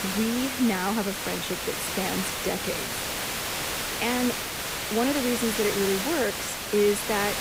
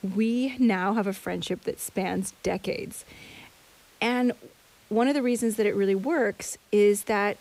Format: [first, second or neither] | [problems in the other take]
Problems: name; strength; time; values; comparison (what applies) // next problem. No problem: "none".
second | hiss; loud; throughout; 1 dB below the speech; faint in the second